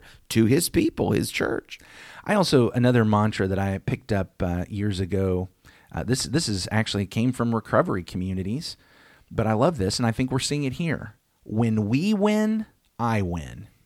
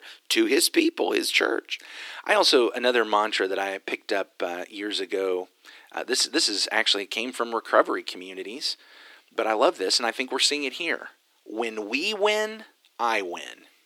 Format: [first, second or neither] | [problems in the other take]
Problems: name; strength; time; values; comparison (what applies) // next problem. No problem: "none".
first | thin; very; fading below 300 Hz